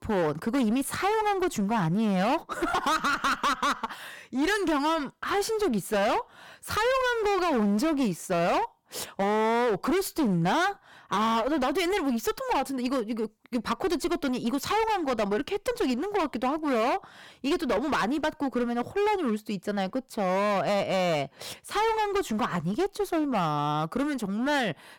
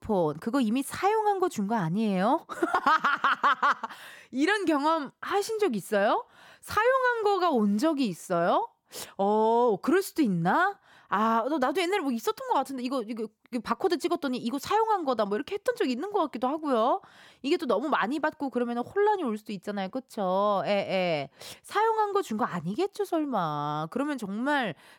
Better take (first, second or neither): second